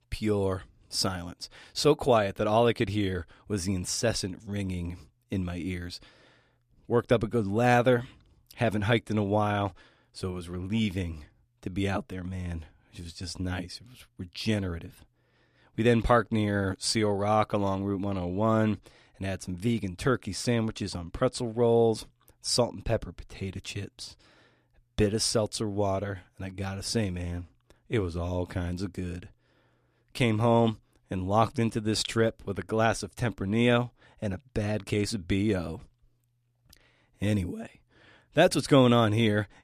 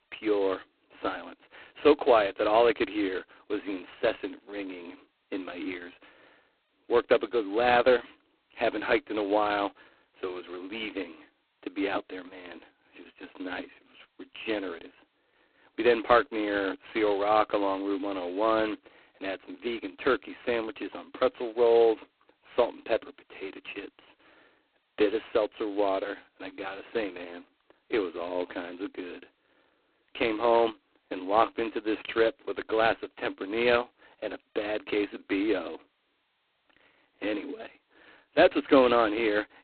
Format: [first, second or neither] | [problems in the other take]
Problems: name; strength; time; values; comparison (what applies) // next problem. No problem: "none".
first | phone-call audio; poor line; nothing above 4 kHz